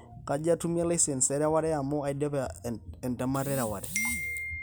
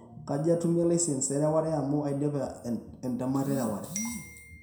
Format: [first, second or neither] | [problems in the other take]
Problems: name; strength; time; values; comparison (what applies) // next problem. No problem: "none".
first | room echo; dies away in 0.5 s